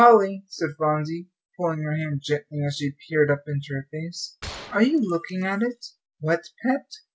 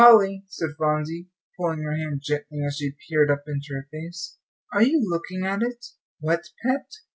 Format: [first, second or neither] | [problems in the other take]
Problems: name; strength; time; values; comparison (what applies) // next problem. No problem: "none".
second | background sound (Gunshot, gunfire); 19 dB below the speech